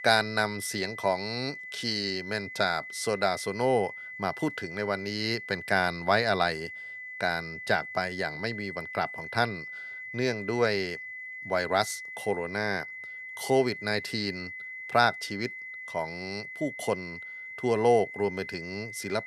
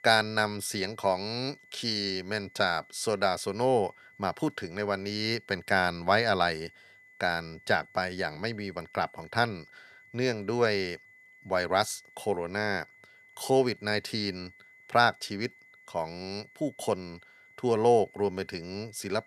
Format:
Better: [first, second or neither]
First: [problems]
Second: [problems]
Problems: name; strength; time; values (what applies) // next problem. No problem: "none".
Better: second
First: high-pitched whine; loud; throughout; 2 kHz, 9 dB below the speech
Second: high-pitched whine; faint; throughout; 2 kHz, 25 dB below the speech